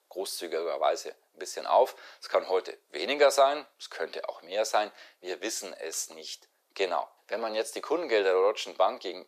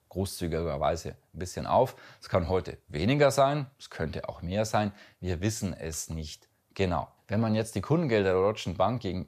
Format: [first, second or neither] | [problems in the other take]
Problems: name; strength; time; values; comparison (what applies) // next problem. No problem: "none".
second | thin; very; fading below 350 Hz